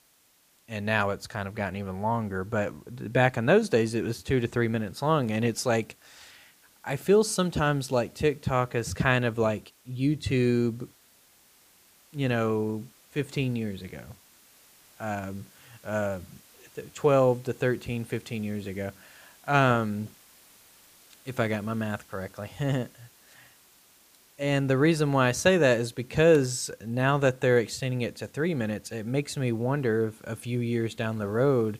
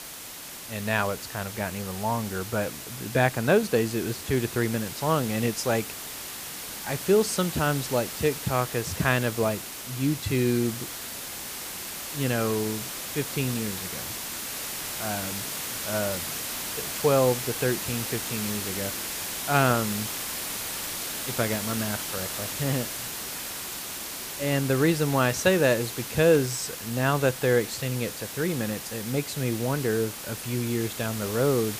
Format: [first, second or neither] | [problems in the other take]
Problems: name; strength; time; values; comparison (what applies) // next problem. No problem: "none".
first | hiss; loud; throughout; 6 dB below the speech; faint in the first